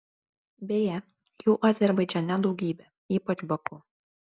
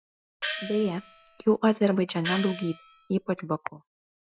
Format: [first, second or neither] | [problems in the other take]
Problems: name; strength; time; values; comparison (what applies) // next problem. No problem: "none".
first | noise reduction (classical method Wiener filter)